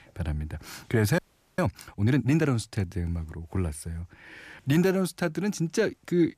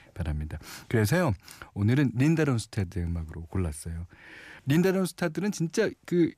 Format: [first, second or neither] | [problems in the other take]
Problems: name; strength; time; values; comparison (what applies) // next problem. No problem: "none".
second | audio freezing; at 1 s